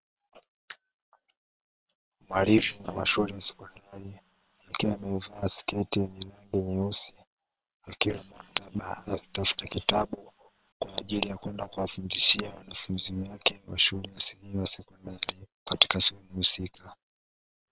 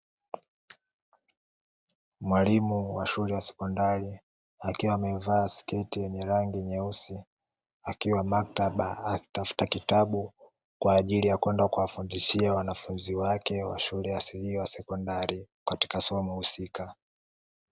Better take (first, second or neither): second